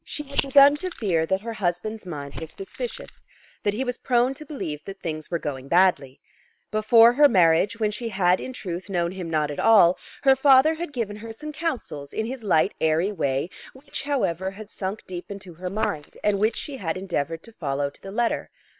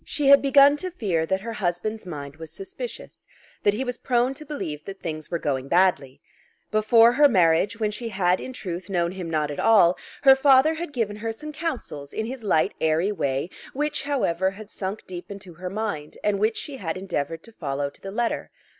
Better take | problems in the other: second | noise reduction (neural separator model SepFormer WHAM!)

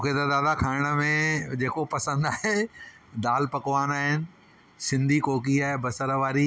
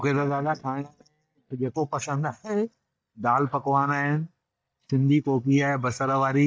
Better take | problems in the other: first | noise reduction (neural mask model DeepFilterNet 3)

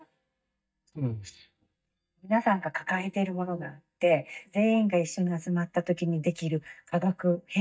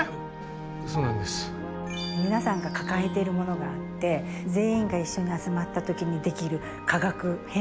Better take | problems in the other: second | noise reduction (neural mask model DeepFilterNet 3)

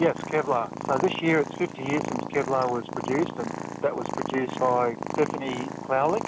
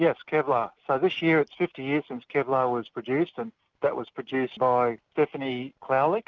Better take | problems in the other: second | background sound (Purr); 6 dB below the speech

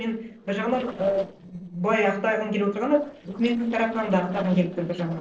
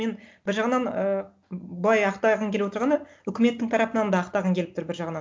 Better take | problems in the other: second | noise reduction (neural separator model SepFormer DNS4)

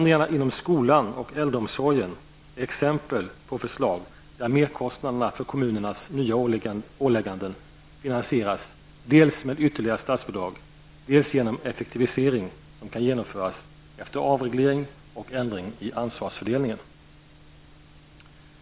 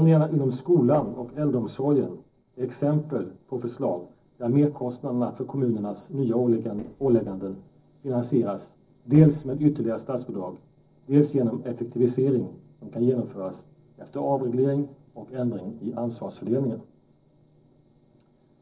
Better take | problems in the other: first | noise reduction (neural separator model SepFormer DNS4)

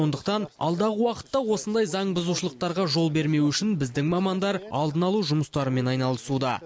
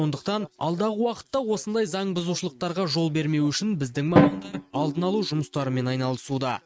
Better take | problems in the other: first | noise reduction (neural mask model RNNoise)

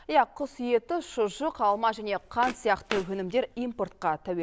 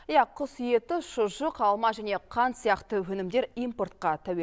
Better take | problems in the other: second | background sound (Walk, footsteps); 15 dB below the speech

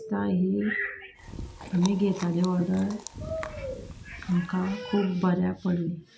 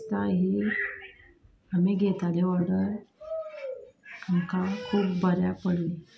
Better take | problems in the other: second | background sound (Chewing, mastication); 14 dB below the speech

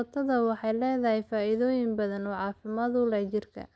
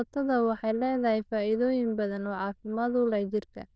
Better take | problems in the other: first | noise reduction (neural diffusion model UNIVERSE++)

